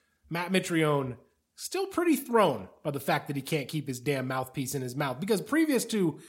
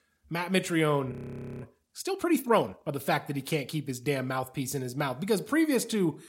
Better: first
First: none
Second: audio freezing; at 1 s for 0.5 s

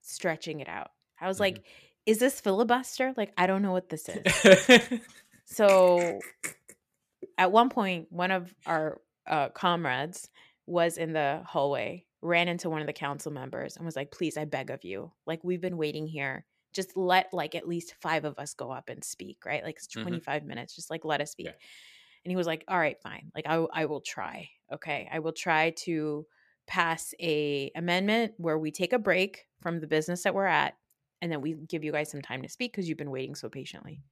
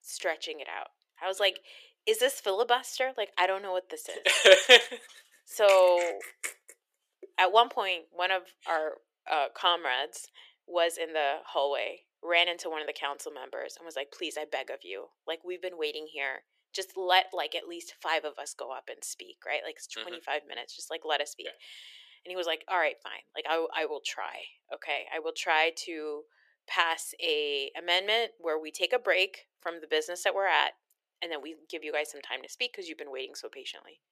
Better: first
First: none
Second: thin; very; fading below 400 Hz

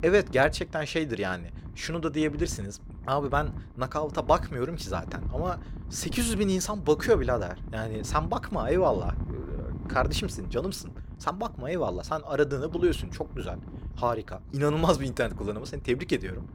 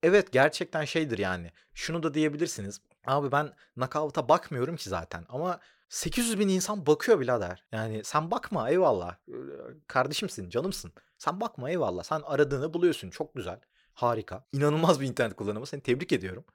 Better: second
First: wind noise on the microphone; occasional gusts; 20 dB below the speech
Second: none

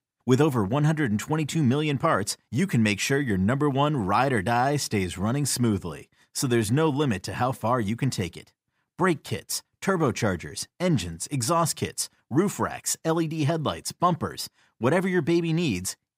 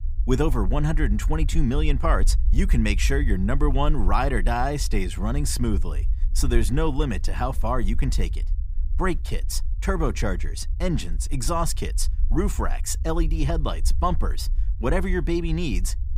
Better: first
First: none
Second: low rumble; faint; throughout; 20 dB below the speech

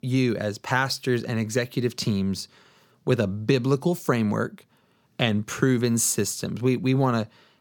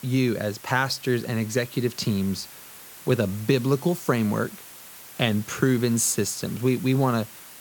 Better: first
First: none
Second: hiss; noticeable; throughout; 15 dB below the speech

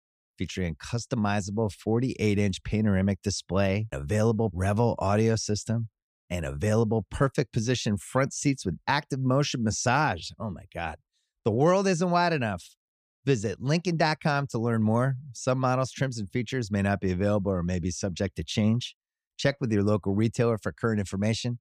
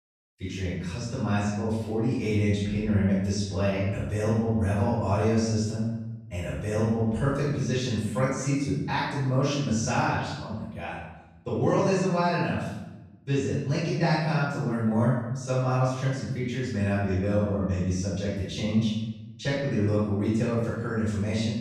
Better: first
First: none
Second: off-mic speech; far // room echo; strong; dies away in 0.9 s

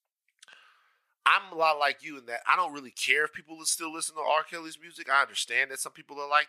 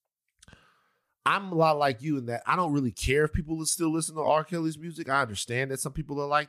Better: second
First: thin; very; fading below 650 Hz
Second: none

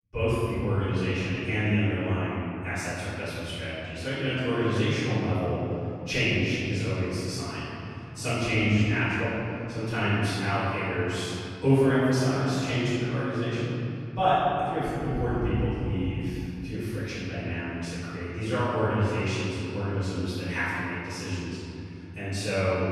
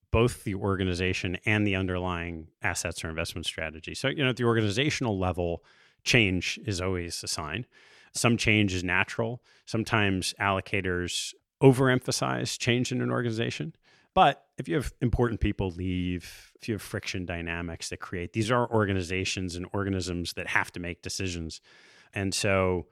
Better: second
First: off-mic speech; far // room echo; strong; dies away in 3 s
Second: none

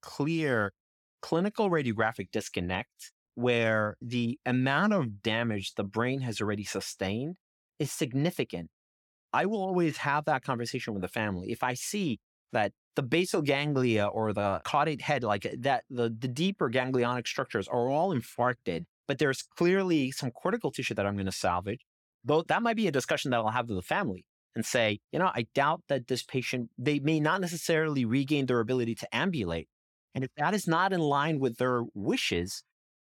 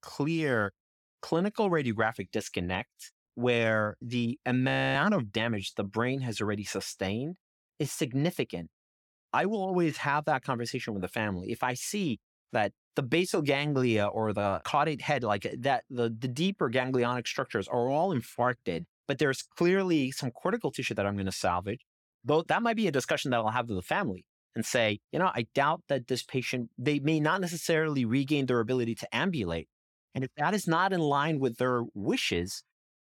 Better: first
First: none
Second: audio freezing; at 4.5 s

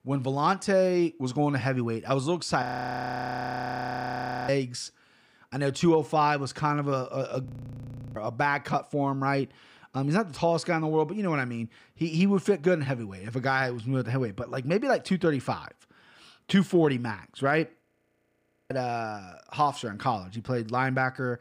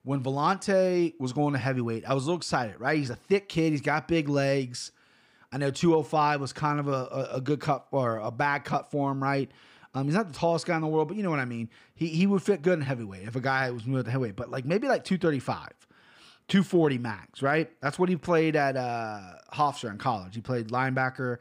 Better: second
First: audio freezing; at 2.5 s for 2 s, at 7.5 s for 0.5 s and at 18 s for 1 s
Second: none

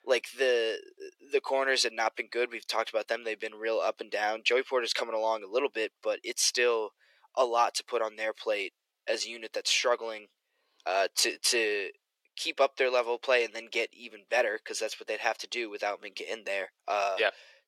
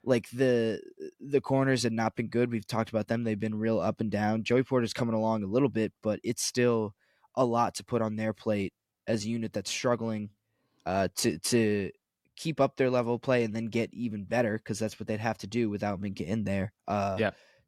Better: second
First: thin; very; fading below 400 Hz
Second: none

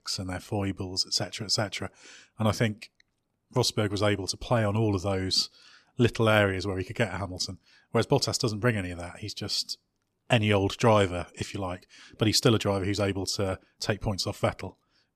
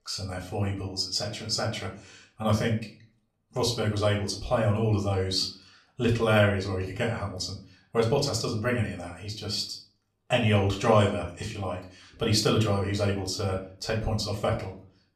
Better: first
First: none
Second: room echo; slight; dies away in 0.4 s // off-mic speech; far

